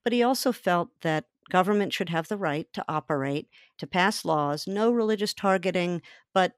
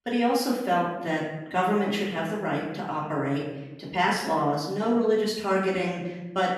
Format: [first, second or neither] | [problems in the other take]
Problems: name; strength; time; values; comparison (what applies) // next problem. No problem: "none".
first | off-mic speech; far // room echo; noticeable; dies away in 1 s